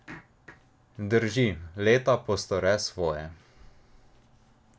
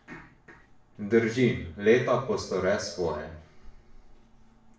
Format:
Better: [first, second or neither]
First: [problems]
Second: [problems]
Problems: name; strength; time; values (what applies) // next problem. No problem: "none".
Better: first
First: none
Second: room echo; dies away in 0.5 s